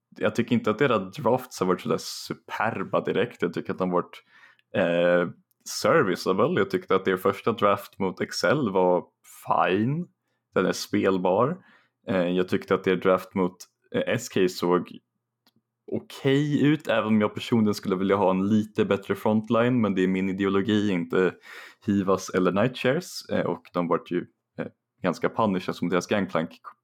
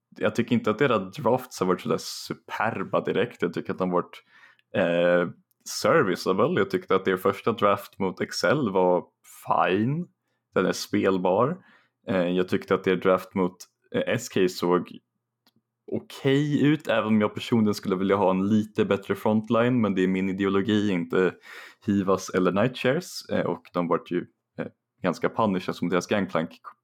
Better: neither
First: muffled; slightly; fading above 2.5 kHz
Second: muffled; slightly; fading above 2.5 kHz

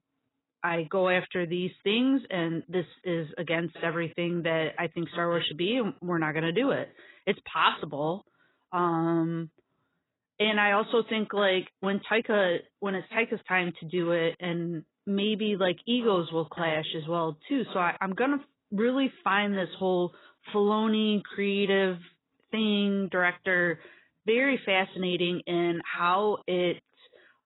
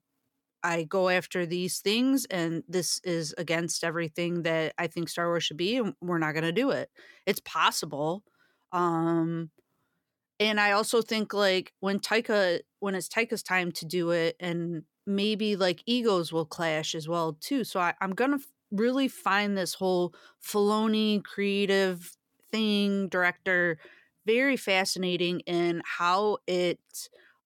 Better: second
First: garbled, watery; badly; nothing above 4 kHz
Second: none

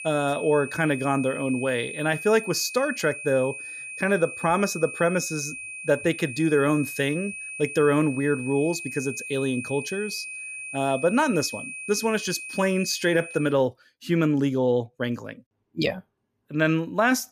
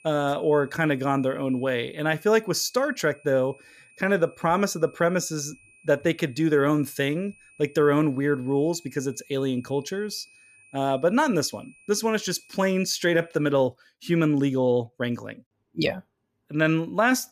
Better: second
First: high-pitched whine; loud; until 14 s; 2.5 kHz, 9 dB below the speech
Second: high-pitched whine; faint; until 14 s; 2.5 kHz, 30 dB below the speech

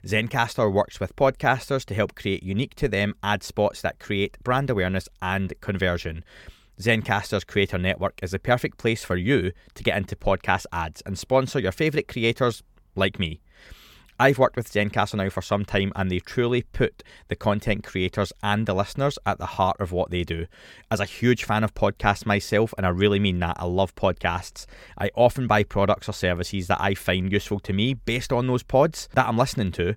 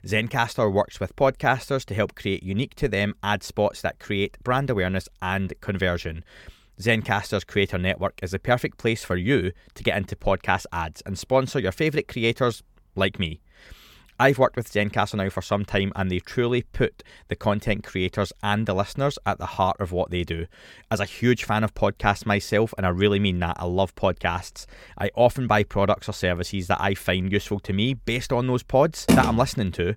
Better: first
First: none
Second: phone ringing; loud; at 29 s; peak 4 dB above the speech

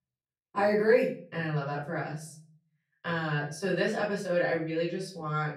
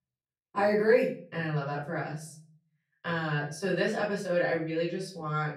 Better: neither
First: off-mic speech; far // room echo; slight; dies away in 0.4 s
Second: off-mic speech; far // room echo; slight; dies away in 0.4 s

